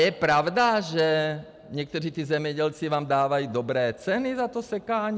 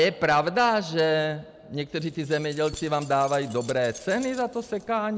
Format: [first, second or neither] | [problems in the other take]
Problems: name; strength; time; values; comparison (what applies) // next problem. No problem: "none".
first | background sound (Keys jangling); 20 dB below the speech